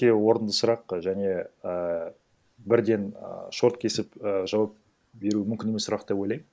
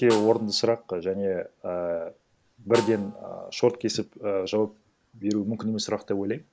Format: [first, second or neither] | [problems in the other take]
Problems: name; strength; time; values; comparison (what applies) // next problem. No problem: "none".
first | background sound (Snare drum); 15 dB below the speech